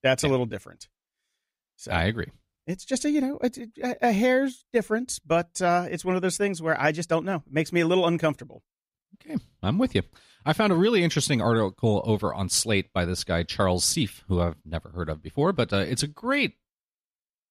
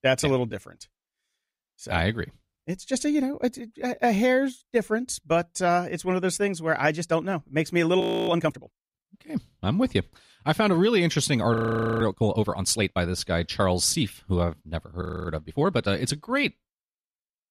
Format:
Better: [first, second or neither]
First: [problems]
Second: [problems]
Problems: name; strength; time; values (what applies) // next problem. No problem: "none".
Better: first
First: none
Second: audio freezing; at 8 s, at 12 s and at 15 s